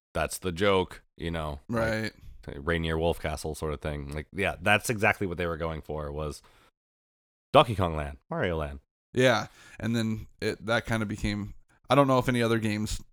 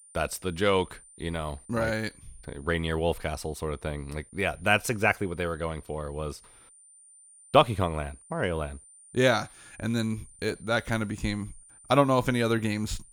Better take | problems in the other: first | high-pitched whine; faint; throughout; 9 kHz, 25 dB below the speech

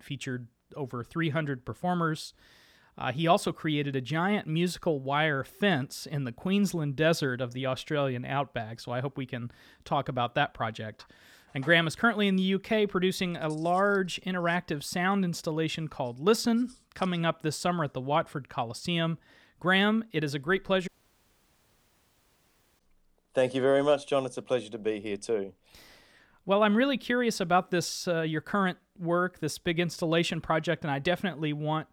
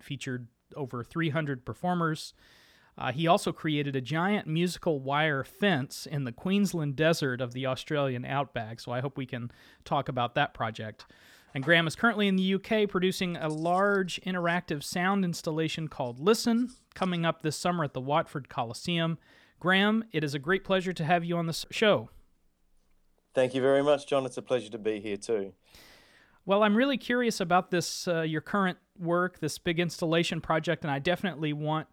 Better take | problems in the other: second | audio cutting out; at 21 s for 2 s

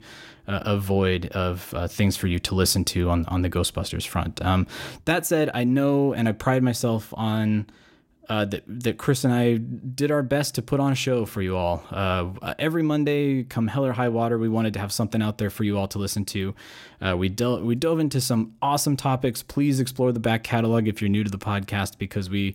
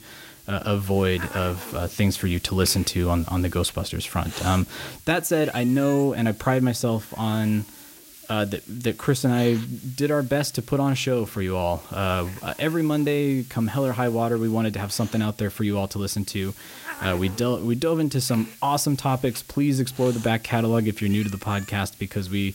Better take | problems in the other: first | hiss; noticeable; throughout; 15 dB below the speech

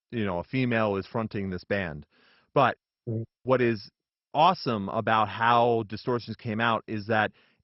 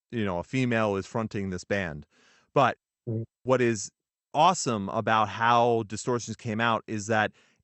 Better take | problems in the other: second | garbled, watery; badly; nothing above 5.5 kHz; slightly in the second

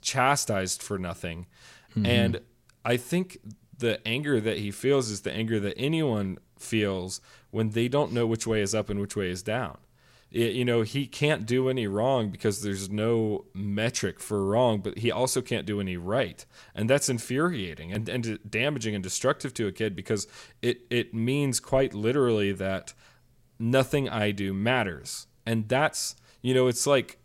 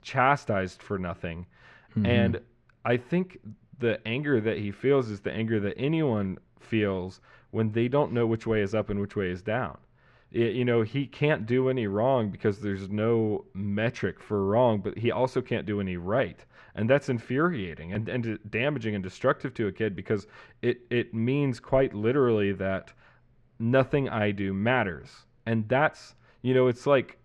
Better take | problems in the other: first | muffled; very; fading above 2 kHz

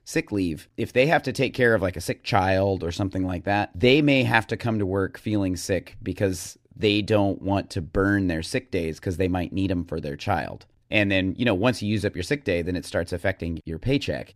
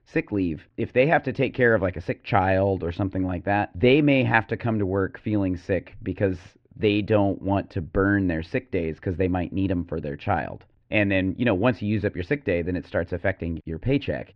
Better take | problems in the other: first | muffled; very; fading above 2.5 kHz

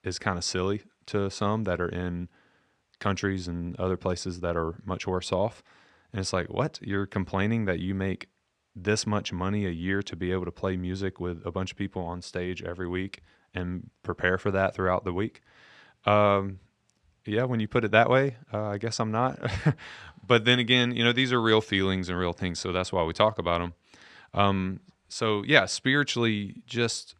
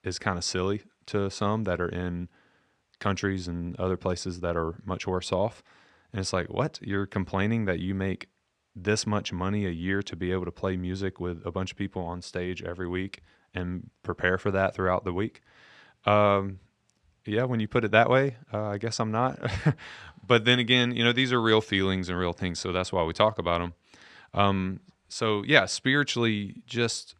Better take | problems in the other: neither | none

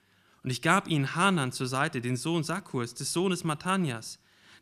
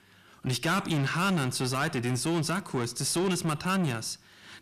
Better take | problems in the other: first | distortion; heavy; 6 dB below the speech

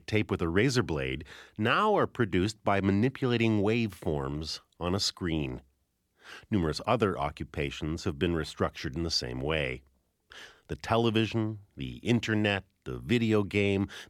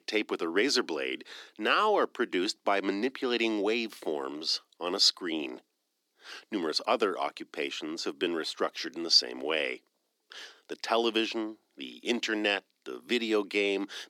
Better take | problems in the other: first | thin; somewhat; fading below 250 Hz

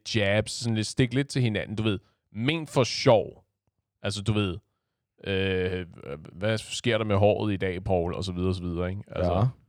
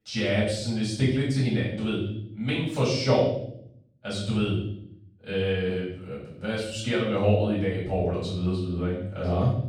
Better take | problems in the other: first | off-mic speech; far // room echo; noticeable; dies away in 0.7 s

